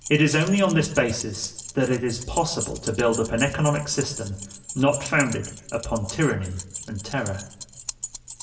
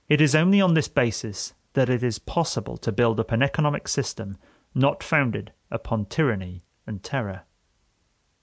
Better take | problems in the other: second | background sound (Keys jangling); 12 dB below the speech // room echo; dies away in 0.7 s

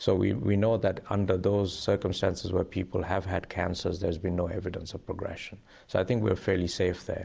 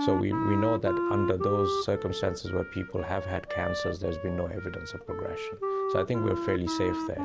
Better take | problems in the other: first | background sound (Wind instrument, woodwind instrument); 2 dB below the speech

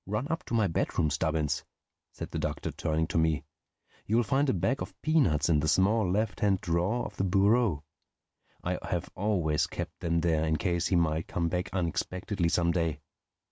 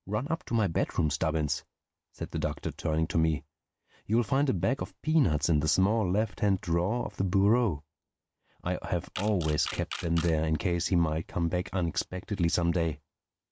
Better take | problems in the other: first | noise reduction (neural mask model Resemble Enhance denoiser)

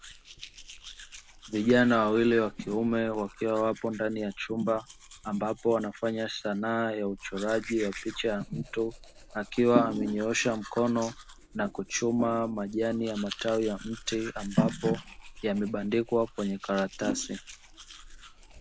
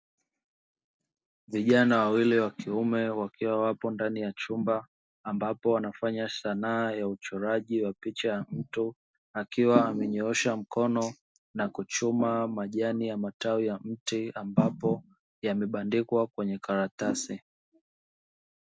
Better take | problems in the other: second | background sound (Domestic sounds, home sounds); 18 dB below the speech

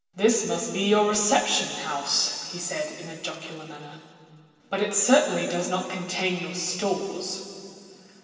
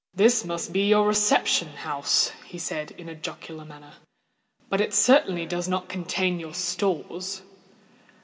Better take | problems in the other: second | room echo; dies away in 2.6 s

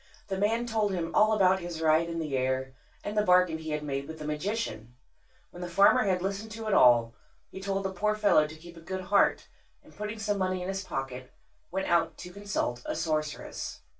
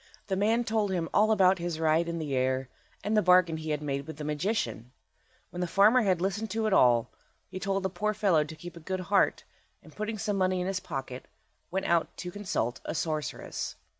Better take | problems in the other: second | room echo; dies away in 0.1 s

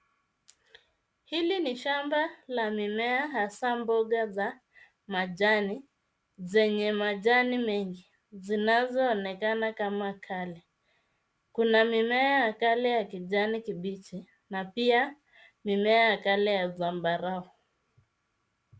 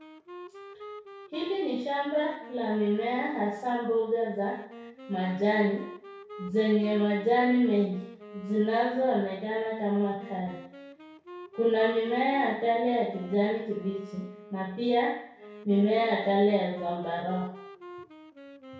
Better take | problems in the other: first | background sound (Wind instrument, woodwind instrument); 18 dB below the speech // room echo; dies away in 0.6 s

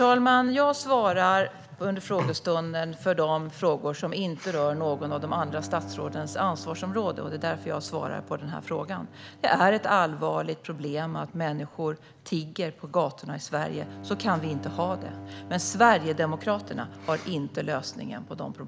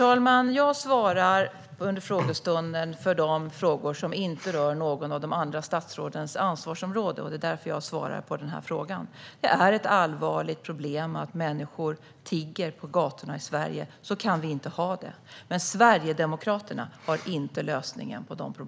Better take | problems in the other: second | background sound (Bowed string instrument); 17 dB below the speech

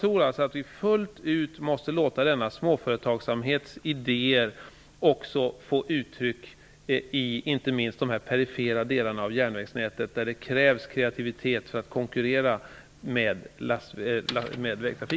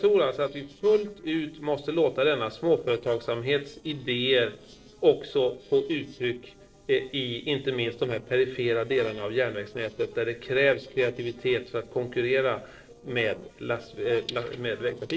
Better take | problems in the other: first | noise reduction (neural separator model SepFormer DNS4)

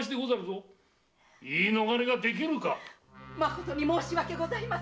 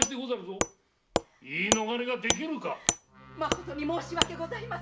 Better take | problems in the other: first | background sound (Wood); 2 dB above the speech

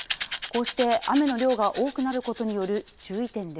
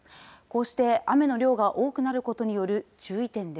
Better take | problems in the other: second | background sound (Rattle / Rattle (instrument)); 12 dB below the speech

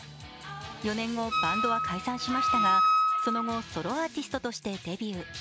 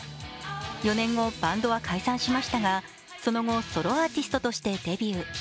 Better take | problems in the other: second | background sound (Wind instrument, woodwind instrument); 5 dB above the speech

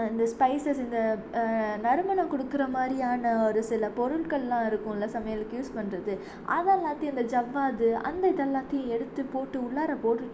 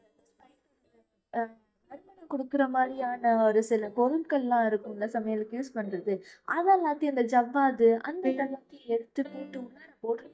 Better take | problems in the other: first | noise reduction (neural mask model DeepFilterNet 3)

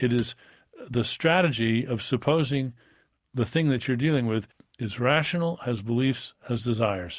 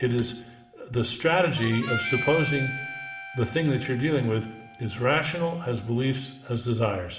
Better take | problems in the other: first | background sound (Harmonica); 11 dB below the speech // room echo; dies away in 0.8 s

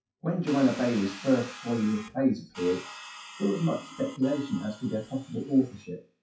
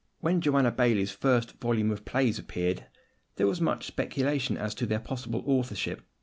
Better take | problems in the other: second | noise reduction (classical method WPE with log-MMSE)

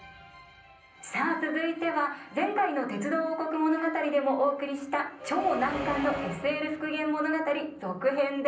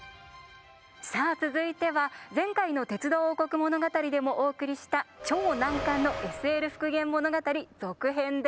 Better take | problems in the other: second | room echo; dies away in 0.6 s

